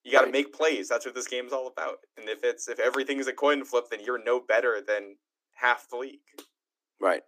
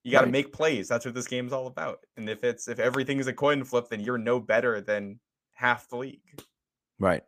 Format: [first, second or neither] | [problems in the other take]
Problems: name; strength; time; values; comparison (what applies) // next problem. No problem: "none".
second | thin; very slightly; fading below 300 Hz